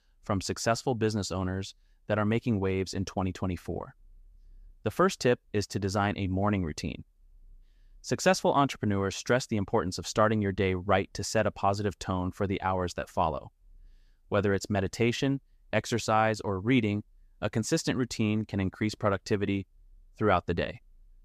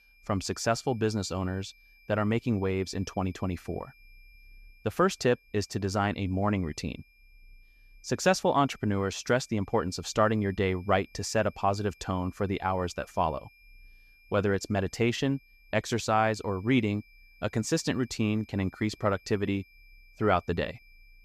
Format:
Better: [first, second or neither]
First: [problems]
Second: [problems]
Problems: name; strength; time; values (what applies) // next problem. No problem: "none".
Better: first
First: none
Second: high-pitched whine; faint; throughout; 2.5 kHz, 30 dB below the speech